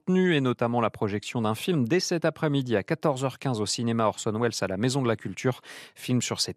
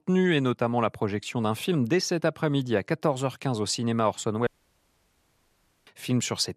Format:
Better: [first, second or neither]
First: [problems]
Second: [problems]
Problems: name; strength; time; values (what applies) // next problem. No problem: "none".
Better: first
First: none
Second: audio cutting out; at 4.5 s for 1.5 s